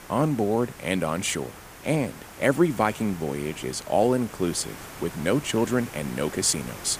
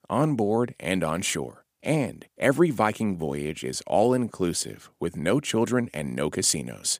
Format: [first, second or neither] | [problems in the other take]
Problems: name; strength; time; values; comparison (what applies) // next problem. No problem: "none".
second | hiss; noticeable; throughout; 15 dB below the speech